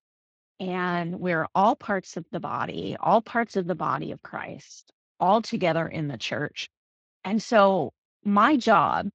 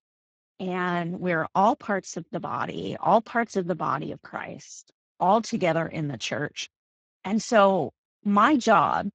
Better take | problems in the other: first | garbled, watery; badly; nothing above 7.5 kHz; slightly in the first

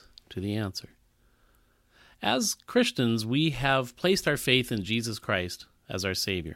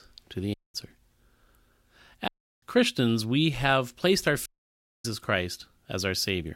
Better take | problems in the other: first | audio cutting out; at 0.5 s, at 2.5 s and at 4.5 s for 0.5 s

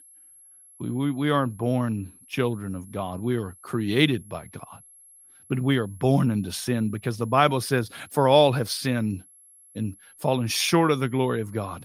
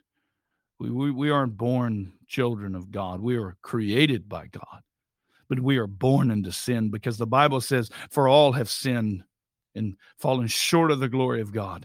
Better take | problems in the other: second | high-pitched whine; faint; throughout; 11 kHz, 25 dB below the speech

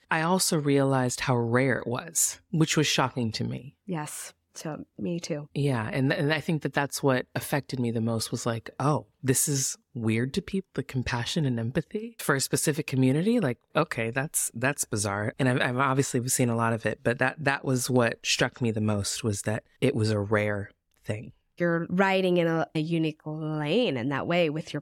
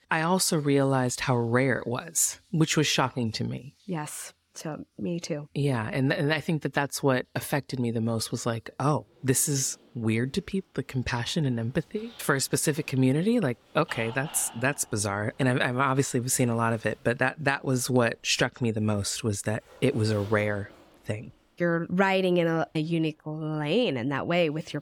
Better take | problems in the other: first | household noises; faint; throughout; 25 dB below the speech

